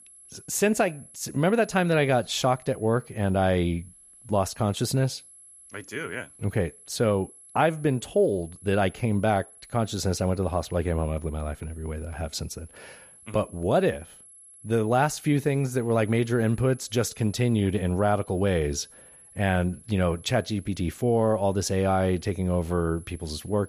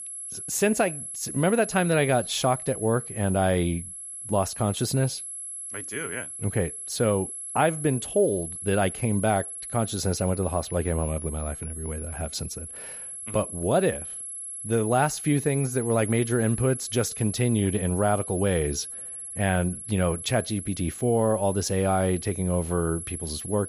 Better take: first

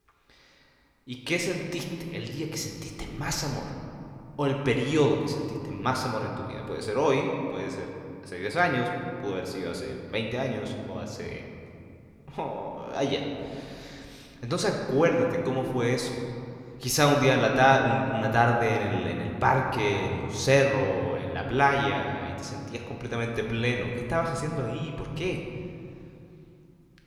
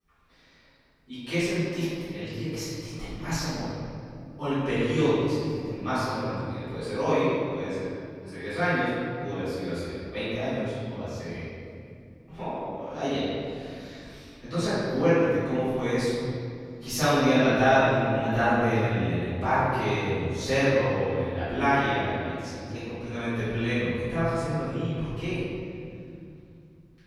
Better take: first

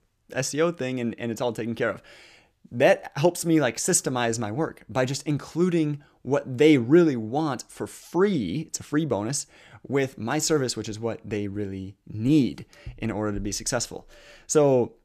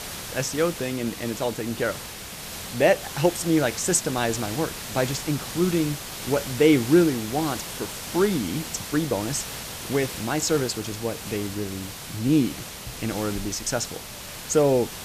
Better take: first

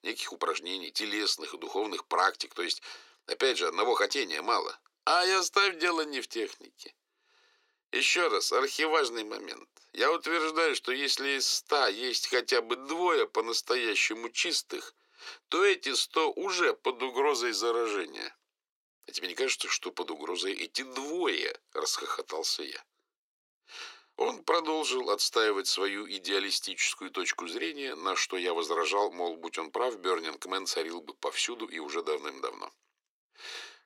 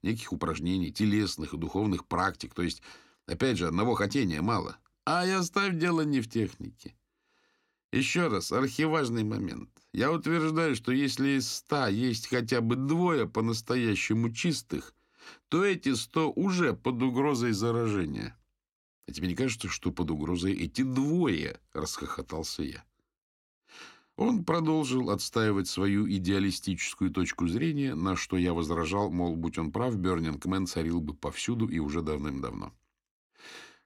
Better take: second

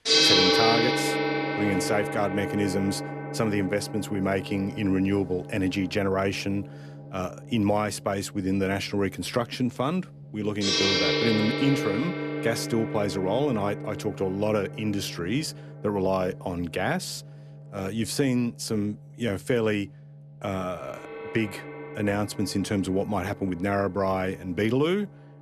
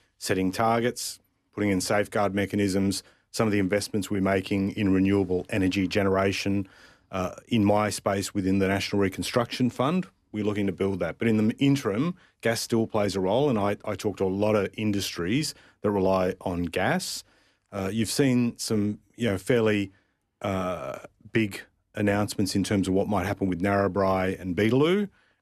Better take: second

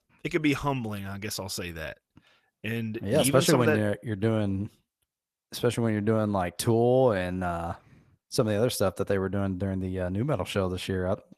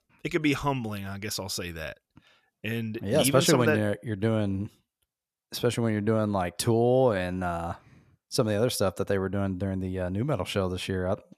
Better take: second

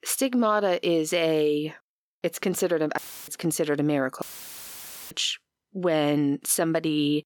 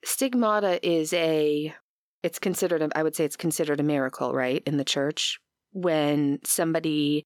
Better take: second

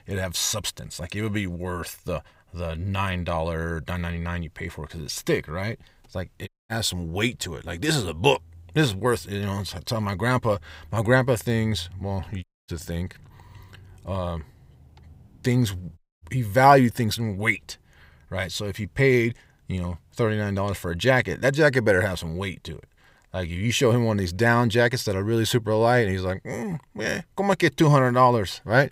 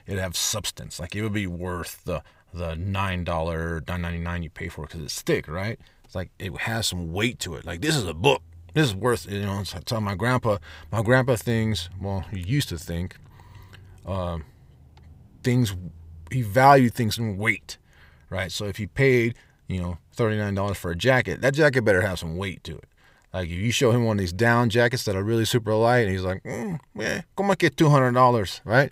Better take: second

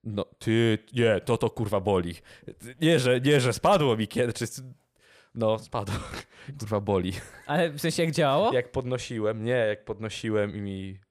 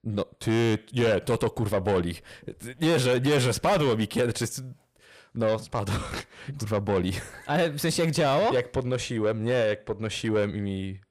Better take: first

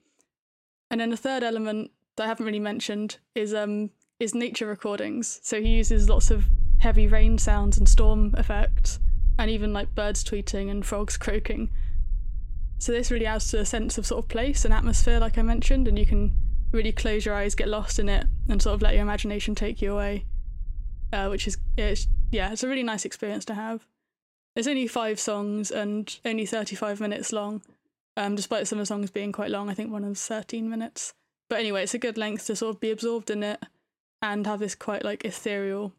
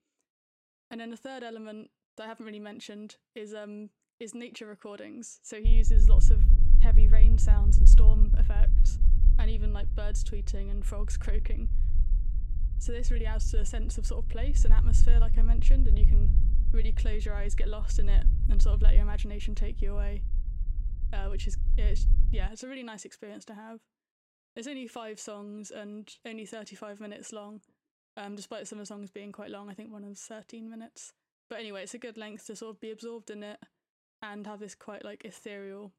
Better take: first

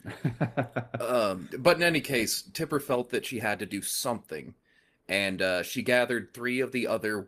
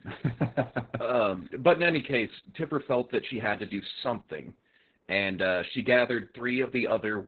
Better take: first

